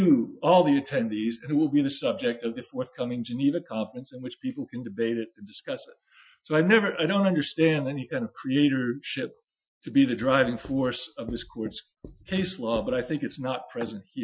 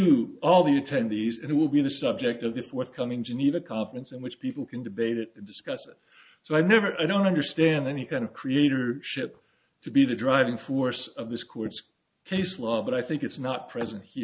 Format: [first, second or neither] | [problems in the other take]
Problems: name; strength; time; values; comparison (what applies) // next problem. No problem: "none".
second | noise reduction (classical method Wiener filter)